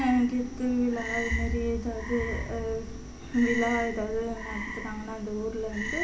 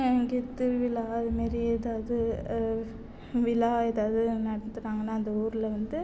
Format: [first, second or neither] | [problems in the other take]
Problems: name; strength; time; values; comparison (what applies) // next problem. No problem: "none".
second | background sound (Frog); 9 dB below the speech // room echo; dies away in 0.2 s